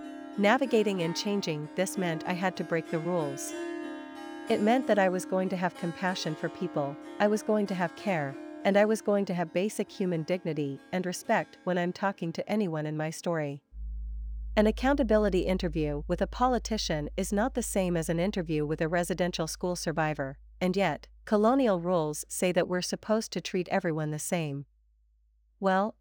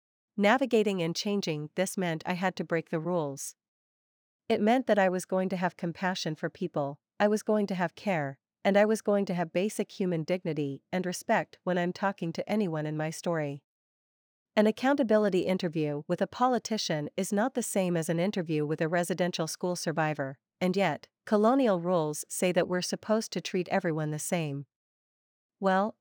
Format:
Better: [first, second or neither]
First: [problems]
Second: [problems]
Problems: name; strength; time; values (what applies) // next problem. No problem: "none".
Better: second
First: background music; noticeable; throughout; 15 dB below the speech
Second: none